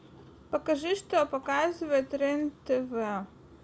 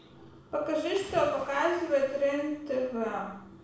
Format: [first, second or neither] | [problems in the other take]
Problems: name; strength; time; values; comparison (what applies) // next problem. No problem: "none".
first | background sound (Splash, splatter); 20 dB below the speech // room echo; dies away in 0.7 s